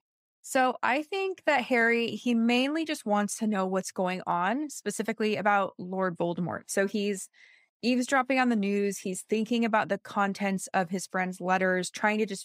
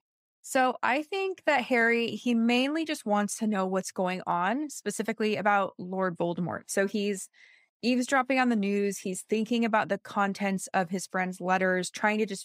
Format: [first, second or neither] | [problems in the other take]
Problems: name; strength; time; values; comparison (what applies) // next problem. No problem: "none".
neither | none